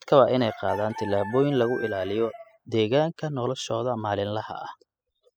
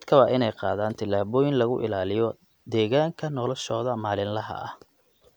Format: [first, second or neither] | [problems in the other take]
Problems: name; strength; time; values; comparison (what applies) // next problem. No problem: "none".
second | noise reduction (classical method spectral subtraction)